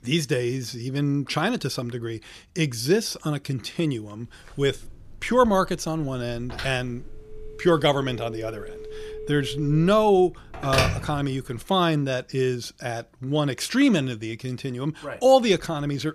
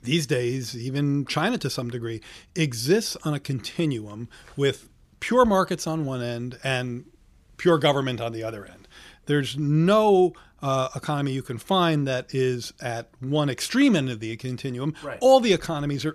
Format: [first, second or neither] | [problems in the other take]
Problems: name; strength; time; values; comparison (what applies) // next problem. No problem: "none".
second | phone ringing; loud; from 4.5 to 11 s; peak 1 dB above the speech